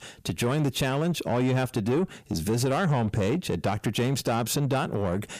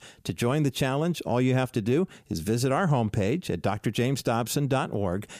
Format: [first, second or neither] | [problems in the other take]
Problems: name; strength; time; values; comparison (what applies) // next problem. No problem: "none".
second | distortion; slight; 10 dB below the speech